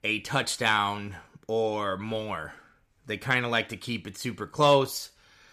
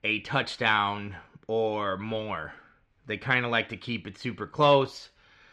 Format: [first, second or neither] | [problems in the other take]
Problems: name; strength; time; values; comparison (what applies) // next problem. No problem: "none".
first | muffled; very slightly; fading above 3 kHz